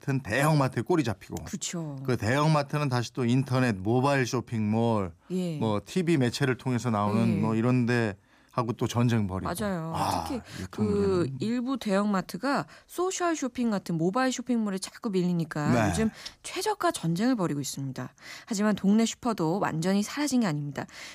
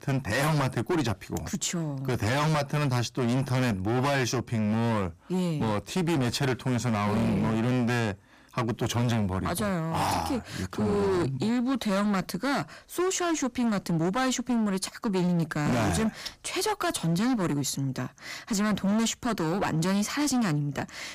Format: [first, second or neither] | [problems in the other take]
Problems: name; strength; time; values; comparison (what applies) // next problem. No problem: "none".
first | distortion; heavy; 23% of the sound clipped